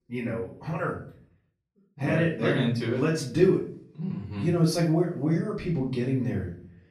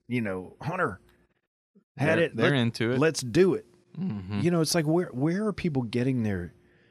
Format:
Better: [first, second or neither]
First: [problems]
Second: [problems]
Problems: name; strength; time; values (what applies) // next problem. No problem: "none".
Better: second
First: off-mic speech; far // room echo; slight; dies away in 0.4 s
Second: none